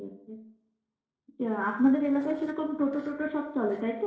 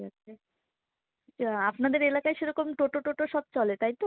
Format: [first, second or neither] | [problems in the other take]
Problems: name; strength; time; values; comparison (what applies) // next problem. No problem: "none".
second | noise reduction (neural separator model SepFormer DNS4)